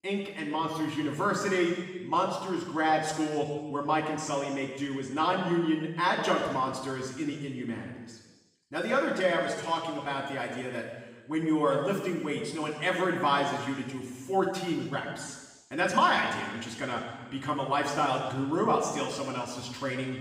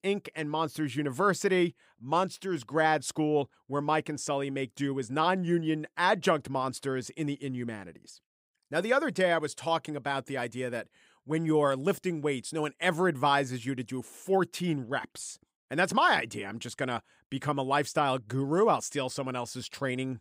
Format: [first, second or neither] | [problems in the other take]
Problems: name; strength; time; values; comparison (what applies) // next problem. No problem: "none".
second | room echo; noticeable; dies away in 1.3 s // off-mic speech; far